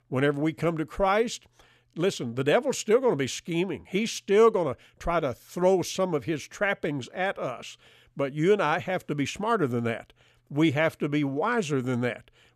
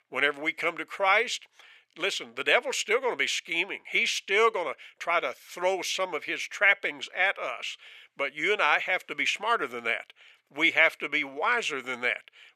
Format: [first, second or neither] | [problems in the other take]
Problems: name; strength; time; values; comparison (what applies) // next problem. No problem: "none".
first | thin; very; fading below 550 Hz